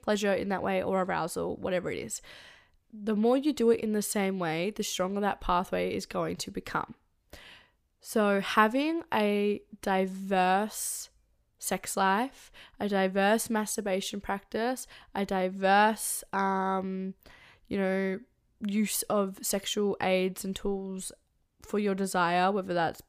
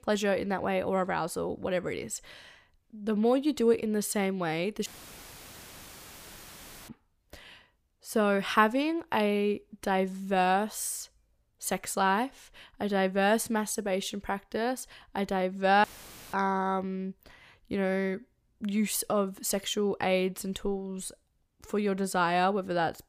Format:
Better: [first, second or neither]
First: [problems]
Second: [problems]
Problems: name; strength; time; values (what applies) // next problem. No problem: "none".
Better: first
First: none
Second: audio cutting out; filled with static; at 5 s for 2 s and at 16 s